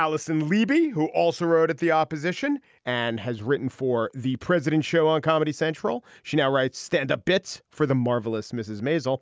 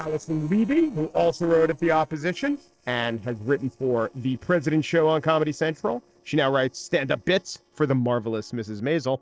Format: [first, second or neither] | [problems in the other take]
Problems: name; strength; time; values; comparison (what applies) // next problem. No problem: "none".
first | noise reduction (neural separator model SepFormer DNS4)